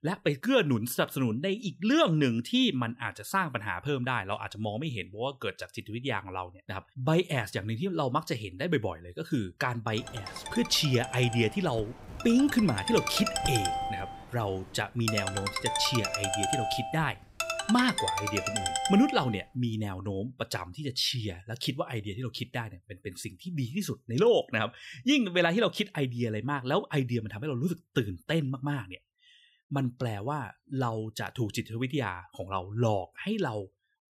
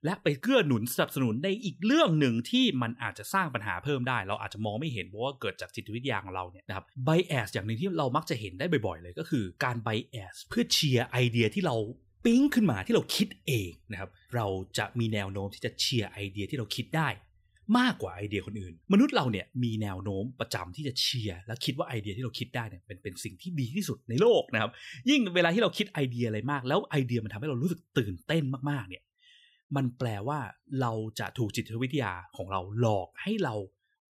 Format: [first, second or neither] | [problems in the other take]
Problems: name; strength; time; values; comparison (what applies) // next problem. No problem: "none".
second | phone ringing; loud; from 10 to 19 s; peak 1 dB above the speech